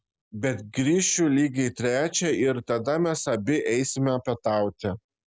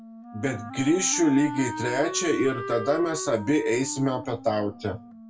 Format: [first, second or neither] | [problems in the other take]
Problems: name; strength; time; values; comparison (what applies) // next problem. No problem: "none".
first | background sound (Wind instrument, woodwind instrument); 11 dB below the speech // room echo; dies away in 0.2 s